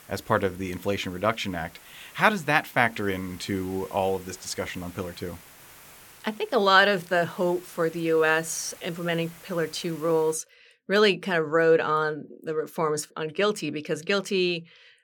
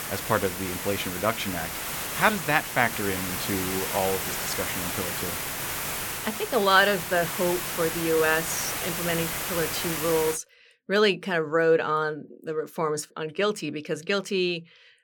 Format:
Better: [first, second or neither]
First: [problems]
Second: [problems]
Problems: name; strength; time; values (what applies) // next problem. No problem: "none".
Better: first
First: hiss; faint; until 10 s; 20 dB below the speech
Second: hiss; loud; until 10 s; 3 dB below the speech